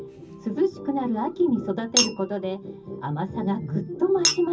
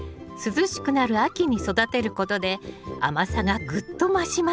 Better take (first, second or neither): second